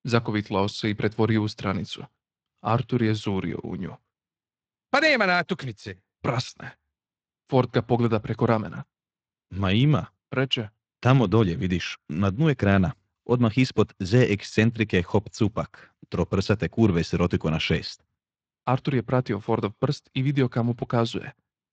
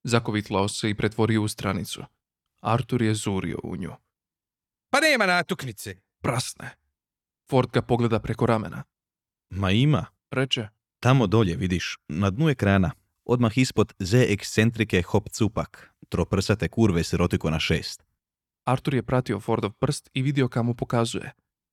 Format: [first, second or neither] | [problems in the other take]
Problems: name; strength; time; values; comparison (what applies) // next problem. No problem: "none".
second | garbled, watery; slightly; nothing above 7.5 kHz